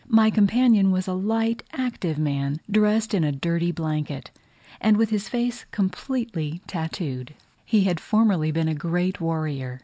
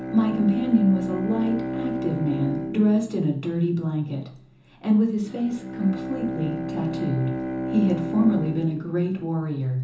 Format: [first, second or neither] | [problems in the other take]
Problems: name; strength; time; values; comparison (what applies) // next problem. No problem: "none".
first | background sound (Bowed string instrument); 7 dB below the speech // room echo; dies away in 0.7 s